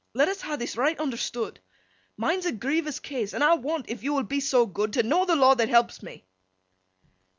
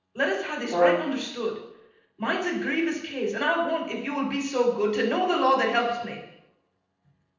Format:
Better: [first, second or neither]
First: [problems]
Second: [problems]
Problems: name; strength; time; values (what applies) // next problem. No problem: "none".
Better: first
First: none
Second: noise reduction (neural separator model SepFormer DNS4)